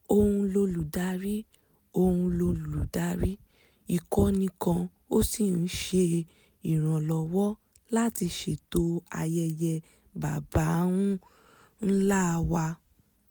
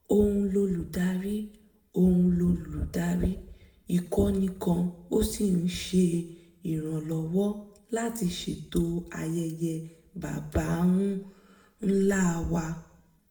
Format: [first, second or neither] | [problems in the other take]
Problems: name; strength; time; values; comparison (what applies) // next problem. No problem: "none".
first | room echo; dies away in 0.6 s